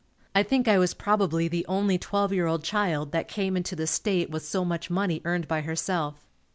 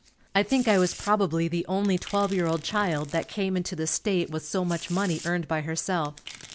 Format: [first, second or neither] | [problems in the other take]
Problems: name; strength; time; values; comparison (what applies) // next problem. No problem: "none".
first | background sound (Domestic sounds, home sounds); 19 dB below the speech